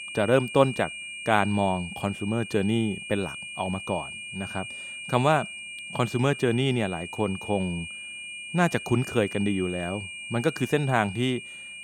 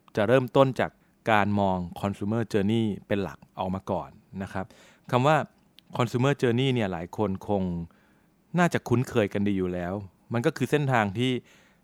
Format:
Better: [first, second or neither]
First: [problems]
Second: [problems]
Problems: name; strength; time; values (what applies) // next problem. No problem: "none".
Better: second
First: high-pitched whine; loud; throughout; 2.5 kHz, 9 dB below the speech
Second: none